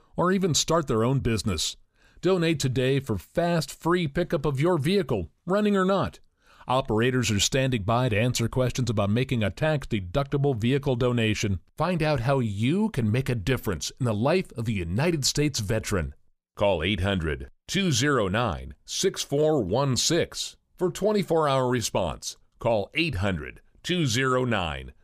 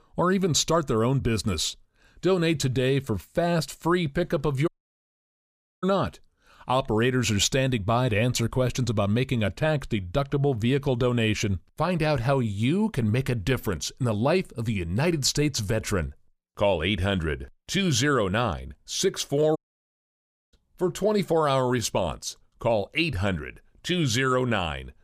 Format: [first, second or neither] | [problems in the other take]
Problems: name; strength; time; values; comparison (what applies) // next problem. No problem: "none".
first | audio cutting out; at 4.5 s for 1 s and at 20 s for 1 s